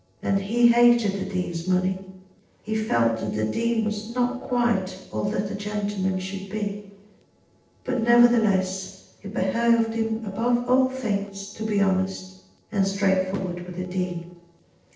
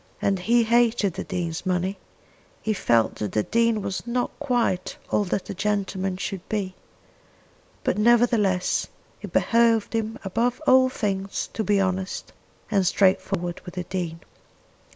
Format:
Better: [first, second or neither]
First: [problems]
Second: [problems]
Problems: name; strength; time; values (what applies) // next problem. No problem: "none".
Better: second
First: noise reduction (neural separator model SepFormer DNS4)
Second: none